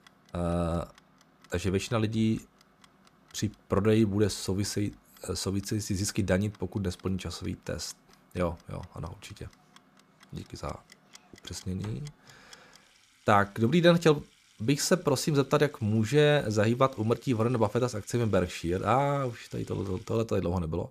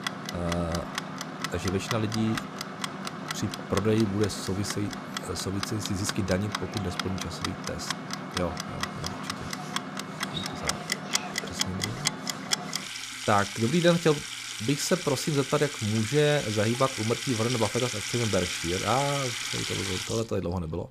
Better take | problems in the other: first | household noises; loud; throughout; 4 dB below the speech; faint in the first

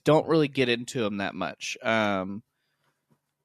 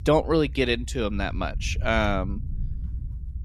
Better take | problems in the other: first | low rumble; faint; throughout; 25 dB below the speech

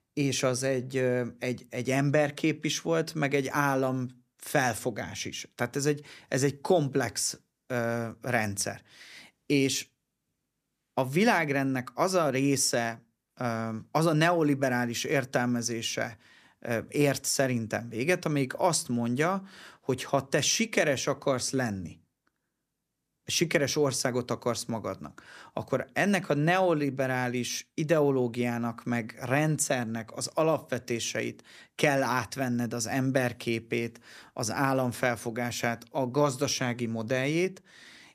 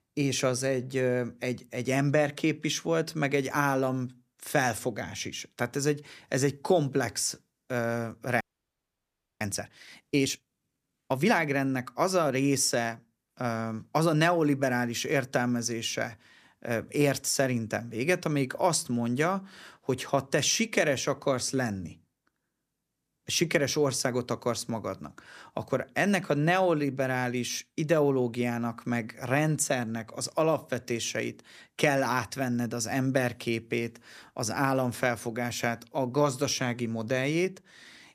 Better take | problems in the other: first | audio freezing; at 8.5 s for 1 s

